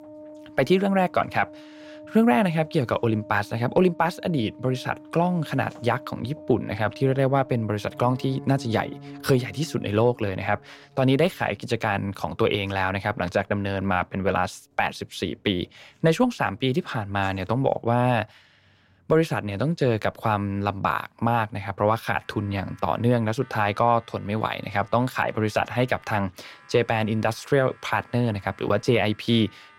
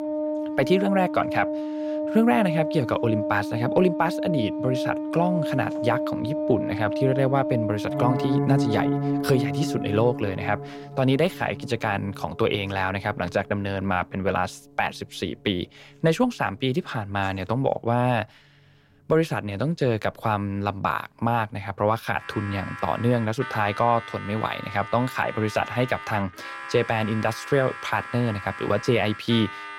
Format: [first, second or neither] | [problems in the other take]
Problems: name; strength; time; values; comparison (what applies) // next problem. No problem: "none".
first | background music; loud; throughout; 5 dB below the speech; faint in the first